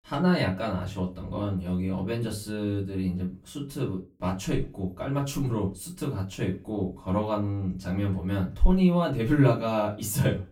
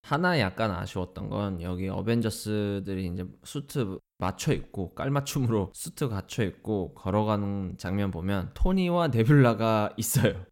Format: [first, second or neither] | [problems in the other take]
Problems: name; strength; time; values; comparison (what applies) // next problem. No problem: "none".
second | off-mic speech; far // room echo; very slight; dies away in 0.2 s